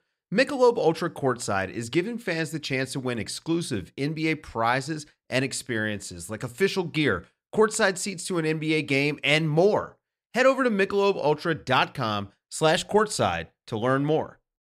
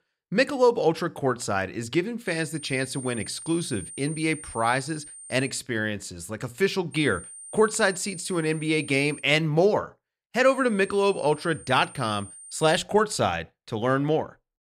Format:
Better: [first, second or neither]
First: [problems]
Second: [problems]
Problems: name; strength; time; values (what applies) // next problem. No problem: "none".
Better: first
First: none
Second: high-pitched whine; noticeable; from 2.5 to 5.5 s, from 7 to 9 s and from 10 to 13 s; 9 kHz, 15 dB below the speech